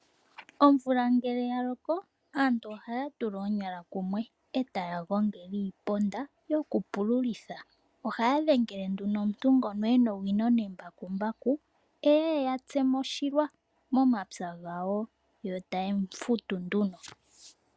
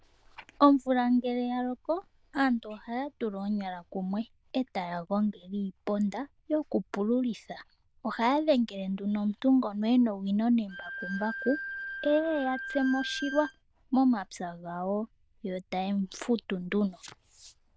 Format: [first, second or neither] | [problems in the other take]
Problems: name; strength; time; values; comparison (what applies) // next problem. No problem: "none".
first | noise reduction (neural diffusion model UNIVERSE++)